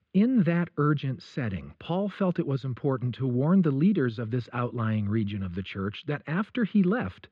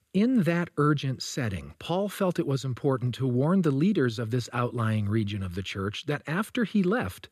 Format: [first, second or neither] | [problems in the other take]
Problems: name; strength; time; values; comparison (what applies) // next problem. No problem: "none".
second | muffled; slightly; fading above 3.5 kHz